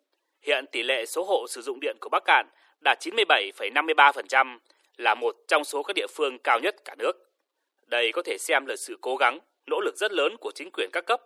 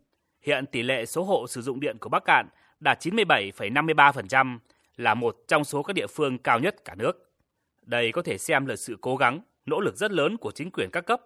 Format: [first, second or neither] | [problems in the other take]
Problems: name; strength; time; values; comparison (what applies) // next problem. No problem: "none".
second | thin; very; fading below 350 Hz